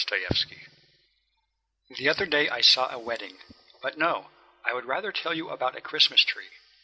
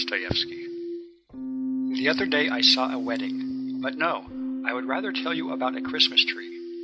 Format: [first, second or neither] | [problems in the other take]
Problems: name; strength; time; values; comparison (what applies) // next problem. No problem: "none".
first | background sound (Keyboard (musical)); 3 dB below the speech